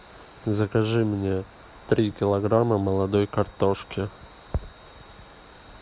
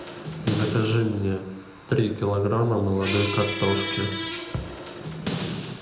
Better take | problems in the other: first | background sound (Squeak); 7 dB below the speech // room echo; dies away in 0.8 s

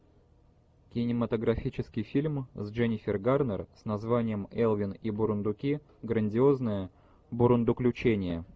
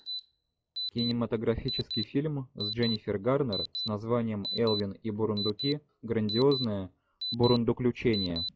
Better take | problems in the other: first | noise reduction (classical method log-MMSE)

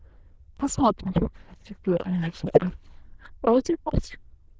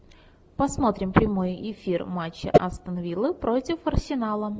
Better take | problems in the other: second | noise reduction (neural diffusion model UNIVERSE++)

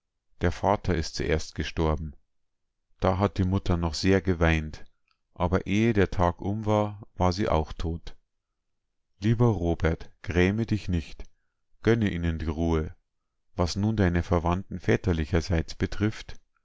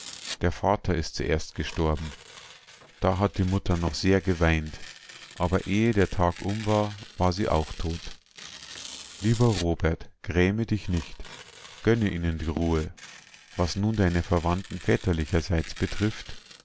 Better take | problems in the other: first | background sound (Tearing + Fireworks); 18 dB below the speech

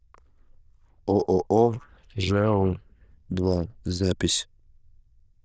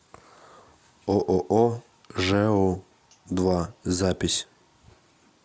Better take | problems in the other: second | noise reduction (neural diffusion model UNIVERSE++)

